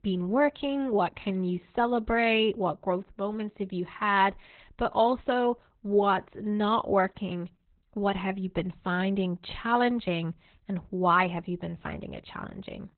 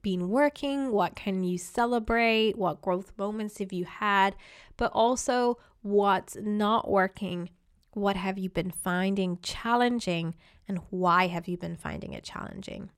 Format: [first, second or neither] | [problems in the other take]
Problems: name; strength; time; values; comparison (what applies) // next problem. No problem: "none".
second | garbled, watery; badly; nothing above 4 kHz